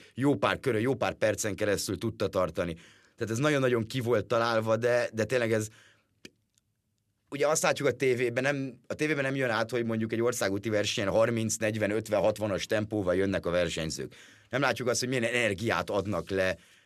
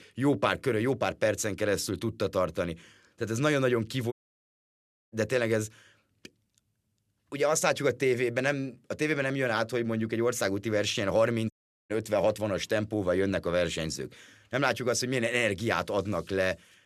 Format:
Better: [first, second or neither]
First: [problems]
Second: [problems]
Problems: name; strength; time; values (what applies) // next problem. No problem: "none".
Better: first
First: none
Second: audio cutting out; at 4 s for 1 s and at 12 s